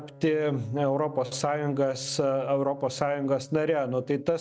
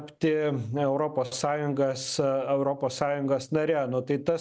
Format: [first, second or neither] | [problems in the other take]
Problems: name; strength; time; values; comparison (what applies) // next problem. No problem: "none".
second | noise reduction (neural separator model SepFormer DNS4)